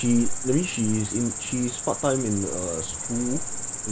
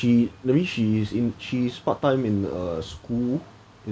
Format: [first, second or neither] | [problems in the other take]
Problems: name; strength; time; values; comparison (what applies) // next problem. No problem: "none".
second | background sound (Cricket); 3 dB below the speech